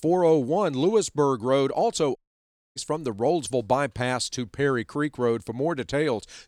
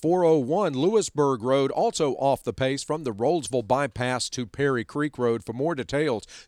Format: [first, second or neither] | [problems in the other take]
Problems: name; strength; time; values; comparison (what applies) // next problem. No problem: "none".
second | audio cutting out; at 2 s for 0.5 s